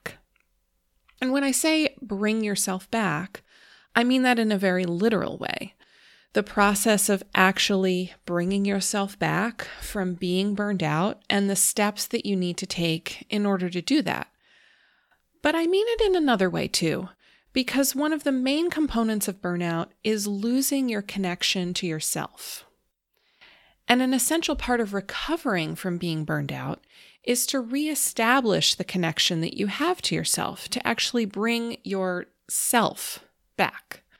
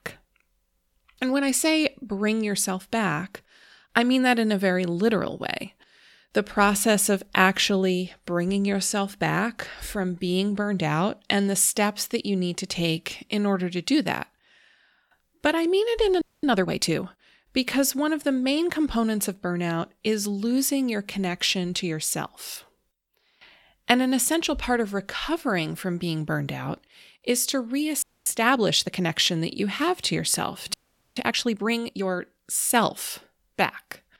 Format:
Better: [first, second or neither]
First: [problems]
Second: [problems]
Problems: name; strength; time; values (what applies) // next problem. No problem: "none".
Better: first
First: none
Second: audio freezing; at 16 s, at 28 s and at 31 s